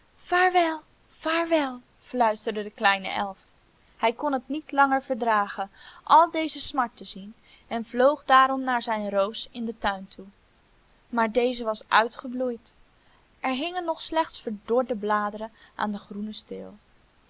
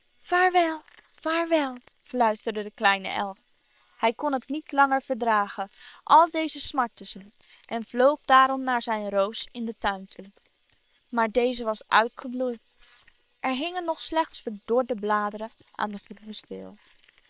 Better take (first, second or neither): first